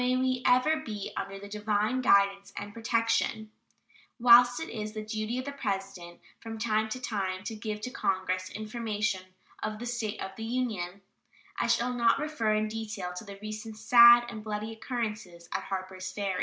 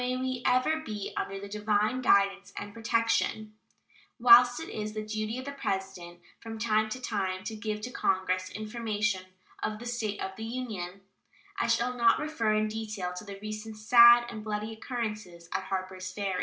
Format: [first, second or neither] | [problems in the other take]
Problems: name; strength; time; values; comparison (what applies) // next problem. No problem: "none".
first | room echo; dies away in 0.2 s